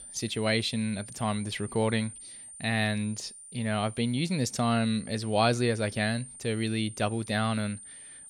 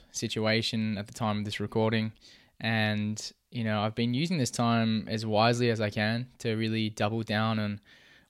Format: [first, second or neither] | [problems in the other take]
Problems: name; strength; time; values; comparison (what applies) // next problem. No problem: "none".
second | high-pitched whine; noticeable; throughout; 9 kHz, 15 dB below the speech